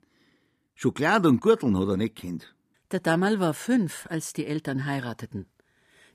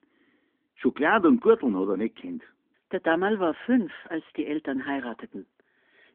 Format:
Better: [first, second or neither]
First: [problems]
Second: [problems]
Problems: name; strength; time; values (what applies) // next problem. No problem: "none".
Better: first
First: none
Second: phone-call audio